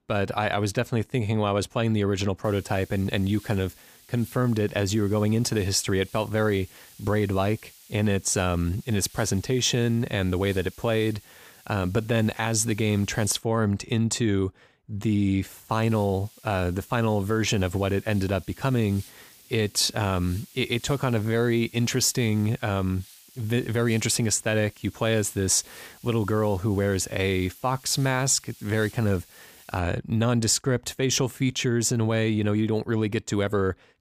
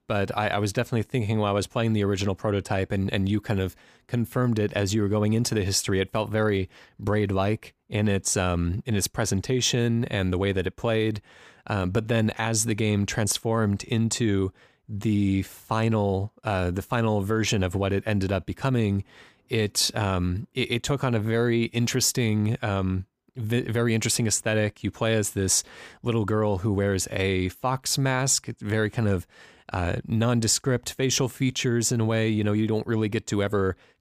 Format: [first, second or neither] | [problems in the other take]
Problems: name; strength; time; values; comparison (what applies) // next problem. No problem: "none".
second | hiss; faint; from 2.5 to 13 s and from 16 to 30 s; 25 dB below the speech